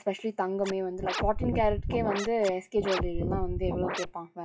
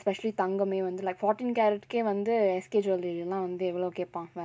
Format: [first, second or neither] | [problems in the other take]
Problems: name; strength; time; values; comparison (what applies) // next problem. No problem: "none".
second | noise reduction (classical method log-MMSE)